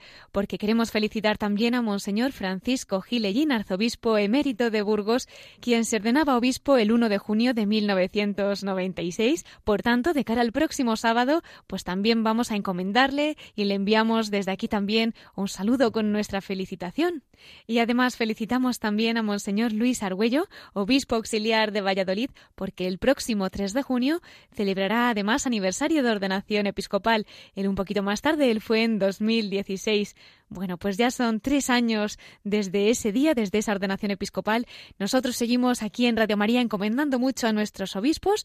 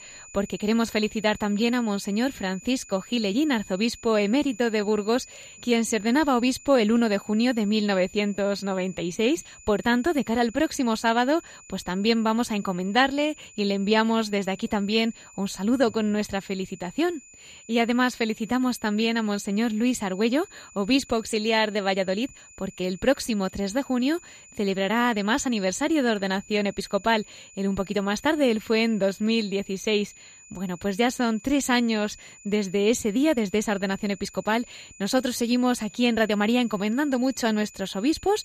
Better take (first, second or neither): first